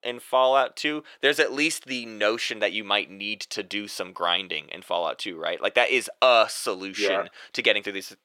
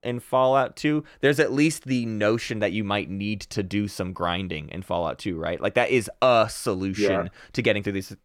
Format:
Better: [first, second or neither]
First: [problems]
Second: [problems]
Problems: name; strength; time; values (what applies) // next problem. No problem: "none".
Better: second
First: thin; somewhat; fading below 500 Hz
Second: none